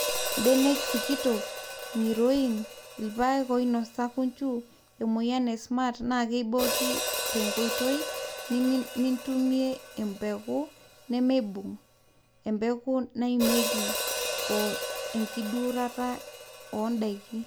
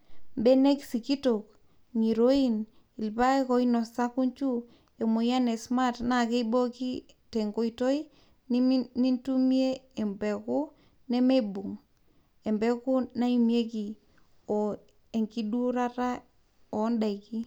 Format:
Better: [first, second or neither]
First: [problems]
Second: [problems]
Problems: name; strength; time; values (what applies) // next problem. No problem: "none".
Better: second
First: background sound (Hi-hat); 6 dB below the speech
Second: none